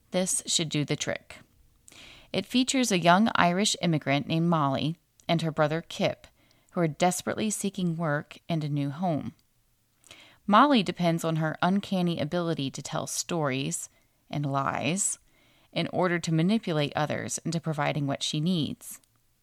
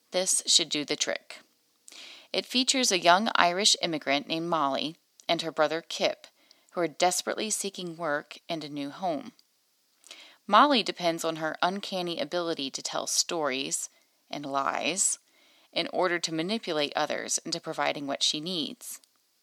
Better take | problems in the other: first | thin; somewhat; fading below 300 Hz

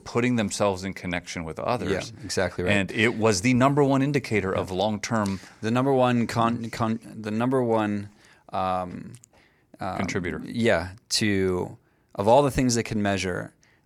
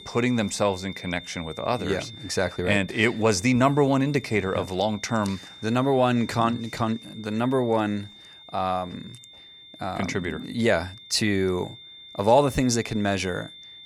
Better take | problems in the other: first | high-pitched whine; noticeable; throughout; 3.5 kHz, 20 dB below the speech

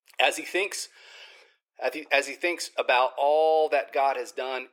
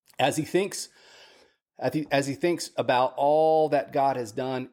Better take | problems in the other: second | thin; very; fading below 400 Hz

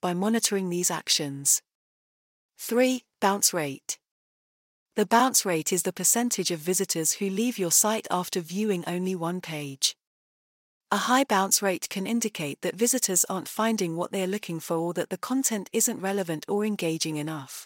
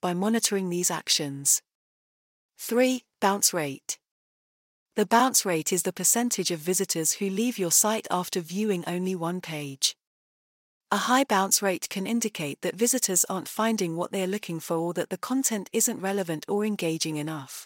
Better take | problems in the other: neither | thin; somewhat; fading below 750 Hz; the same in both

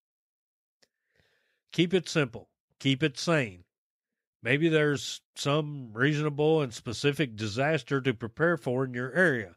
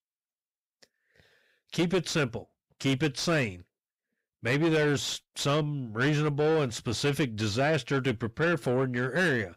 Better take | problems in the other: first | distortion; heavy; 7 dB below the speech

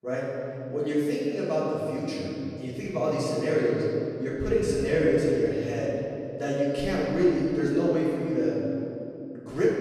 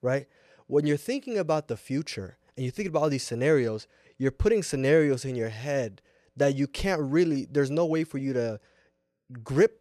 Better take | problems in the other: second | off-mic speech; far // room echo; strong; dies away in 2.7 s

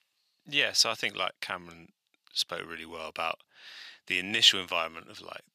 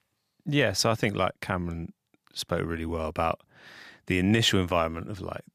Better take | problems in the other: second | thin; somewhat; fading below 1 kHz

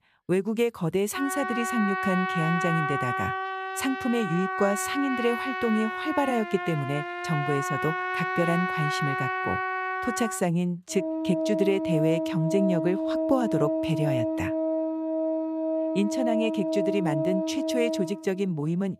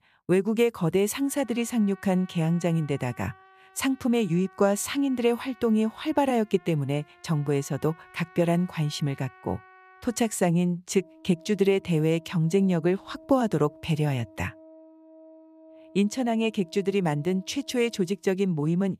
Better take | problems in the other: second | background music; loud; throughout; 1 dB below the speech; faint in the second

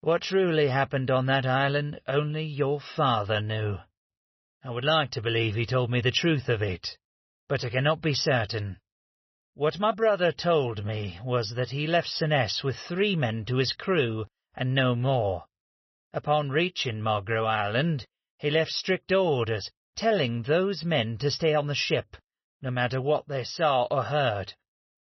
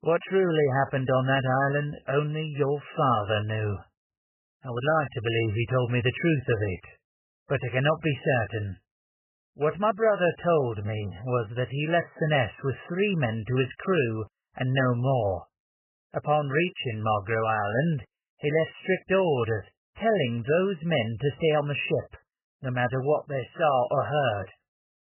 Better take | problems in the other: first | garbled, watery; badly; nothing above 3 kHz; slightly in the first

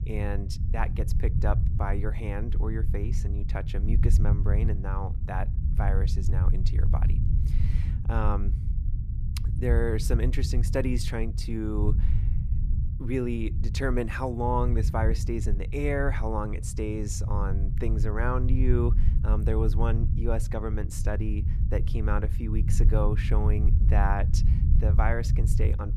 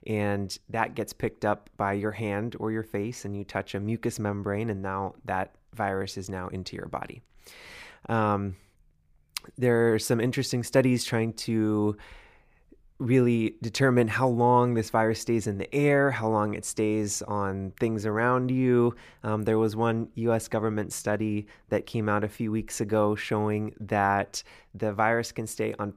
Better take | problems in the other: second | low rumble; loud; throughout; 10 dB below the speech

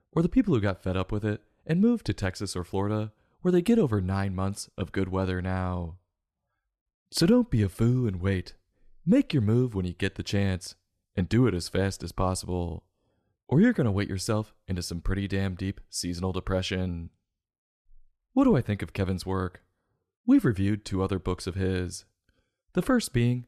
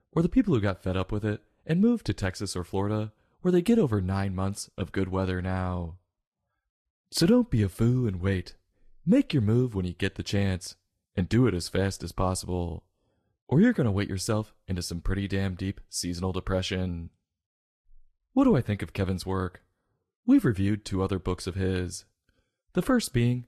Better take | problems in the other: first | garbled, watery; slightly; nothing above 13.5 kHz

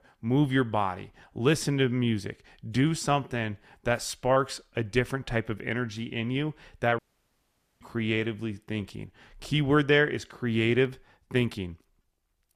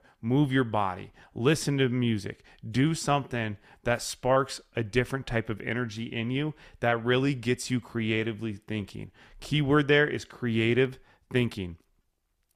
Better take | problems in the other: second | audio cutting out; at 7 s for 1 s

